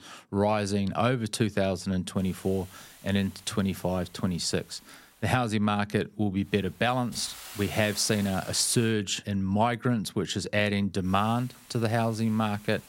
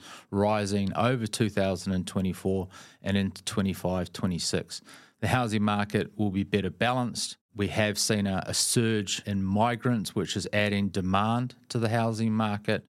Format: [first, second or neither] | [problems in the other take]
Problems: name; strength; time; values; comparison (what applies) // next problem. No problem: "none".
second | hiss; noticeable; from 2 to 5.5 s, from 6.5 to 9 s and from 11 s on; 20 dB below the speech